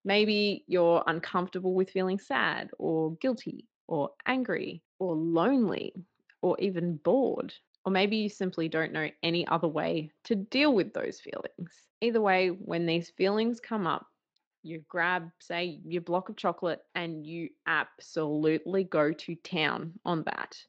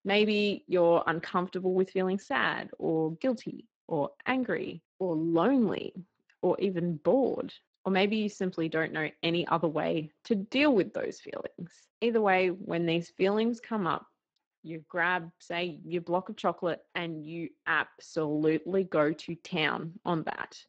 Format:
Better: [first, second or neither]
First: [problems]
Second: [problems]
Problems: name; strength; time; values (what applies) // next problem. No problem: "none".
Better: first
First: garbled, watery; slightly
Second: garbled, watery; badly; nothing above 7.5 kHz